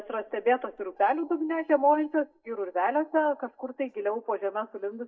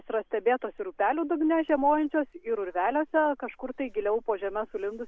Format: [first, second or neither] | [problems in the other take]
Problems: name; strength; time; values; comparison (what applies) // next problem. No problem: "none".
second | noise reduction (neural mask model DeepFilterNet 3)